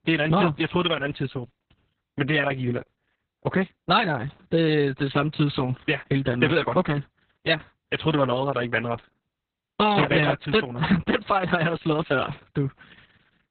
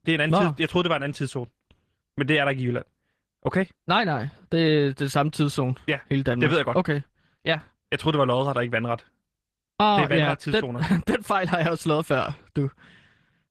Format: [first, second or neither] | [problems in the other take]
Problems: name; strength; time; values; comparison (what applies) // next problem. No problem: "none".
second | garbled, watery; badly; nothing above 4 kHz; slightly in the second